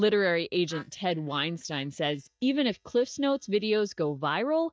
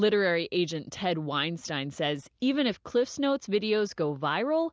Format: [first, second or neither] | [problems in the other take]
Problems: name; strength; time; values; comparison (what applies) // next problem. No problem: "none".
second | noise reduction (neural mask model DeepFilterNet 3)